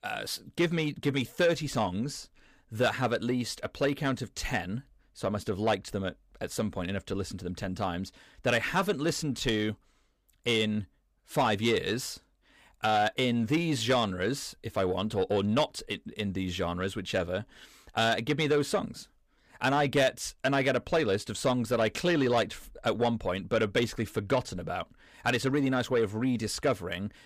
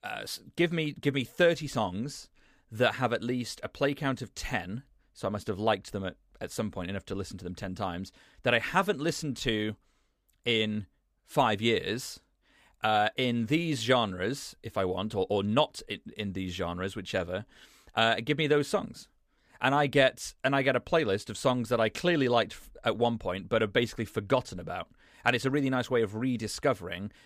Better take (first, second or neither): second